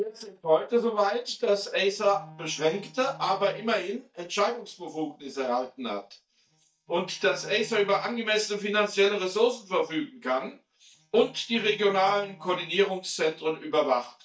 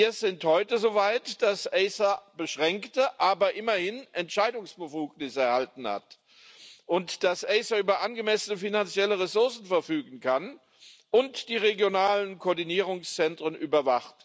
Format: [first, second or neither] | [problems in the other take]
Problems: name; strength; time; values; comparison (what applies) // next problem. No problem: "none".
second | noise reduction (neural mask model DeepFilterNet 3)